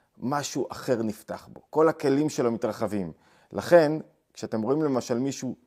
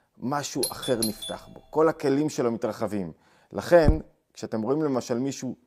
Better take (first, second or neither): first